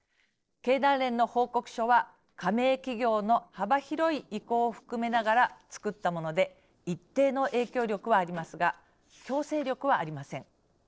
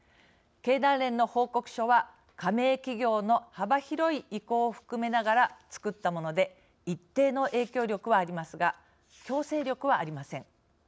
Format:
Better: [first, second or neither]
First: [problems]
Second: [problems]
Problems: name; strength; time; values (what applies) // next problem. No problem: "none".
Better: second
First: noise reduction (neural separator model SepFormer DNS4)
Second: none